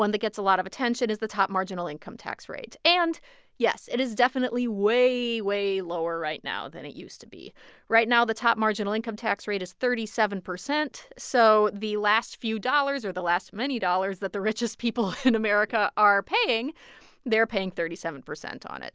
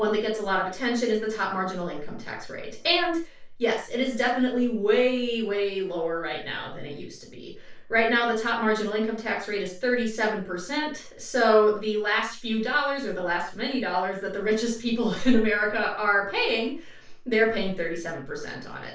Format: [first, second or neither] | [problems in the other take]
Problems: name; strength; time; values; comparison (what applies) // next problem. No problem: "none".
first | room echo; dies away in 0.3 s